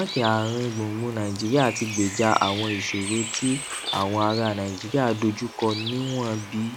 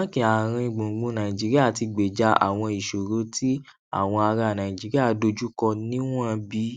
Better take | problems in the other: second | background sound (Bird); 9 dB below the speech

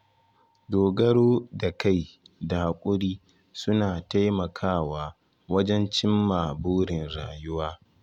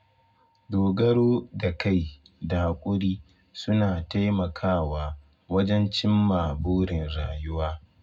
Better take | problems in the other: first | room echo; dies away in 0.3 s

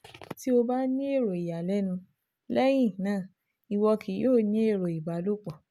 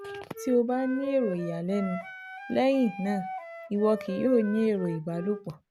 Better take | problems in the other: first | background sound (Wind instrument, woodwind instrument); 11 dB below the speech

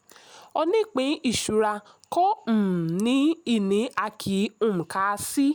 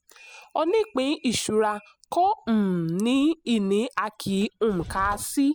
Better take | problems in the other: first | noise reduction (classical method spectral subtraction)

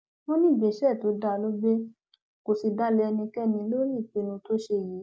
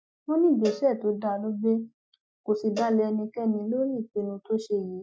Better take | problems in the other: first | noise reduction (classical method Wiener filter)

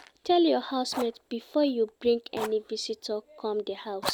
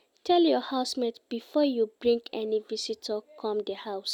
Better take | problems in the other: second | background sound (Fire); 14 dB below the speech

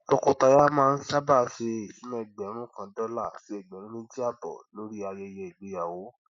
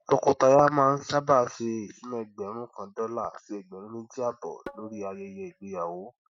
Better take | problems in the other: first | noise reduction (neural mask model RNNoise)

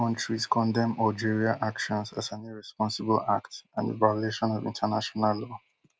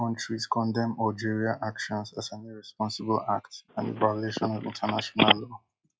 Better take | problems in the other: first | noise reduction (classical method log-MMSE)

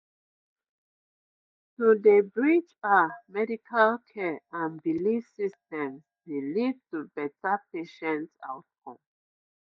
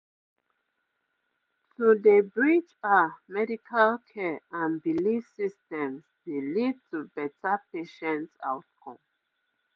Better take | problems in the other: second | noise reduction (neural mask model DeepFilterNet 3)

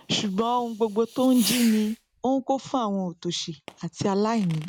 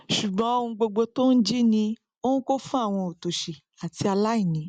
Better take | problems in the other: second | background sound (Fireworks); 15 dB below the speech

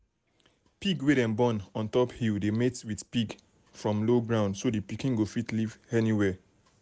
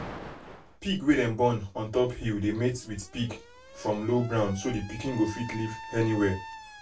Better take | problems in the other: first | background sound (Alarm); 16 dB below the speech // room echo; dies away in 0.2 s

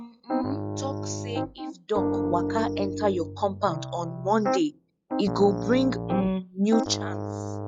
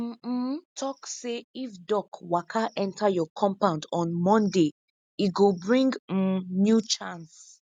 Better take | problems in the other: second | noise reduction (classical method log-MMSE)

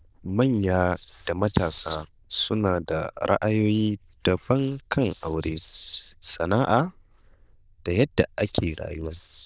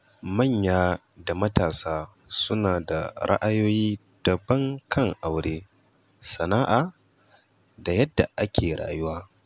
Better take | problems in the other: second | noise reduction (neural diffusion model UNIVERSE++)

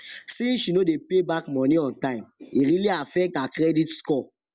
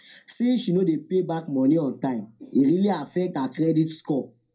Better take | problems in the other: first | room echo; dies away in 0.2 s

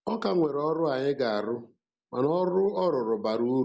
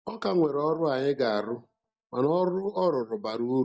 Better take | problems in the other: first | noise reduction (neural mask model DeepFilterNet 3)

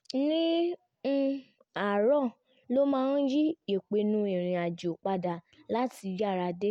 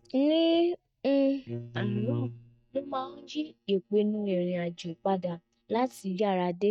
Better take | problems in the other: first | noise reduction (neural mask model DeepFilterNet 3)

